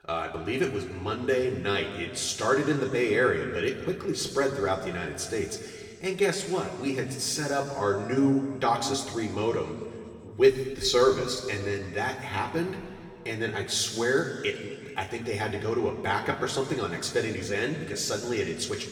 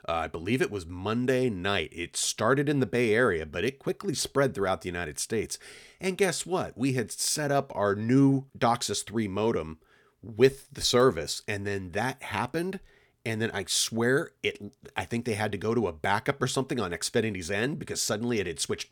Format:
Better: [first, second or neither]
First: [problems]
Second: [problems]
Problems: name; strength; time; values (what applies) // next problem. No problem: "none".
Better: second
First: room echo; slight; dies away in 2.2 s // off-mic speech; somewhat distant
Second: none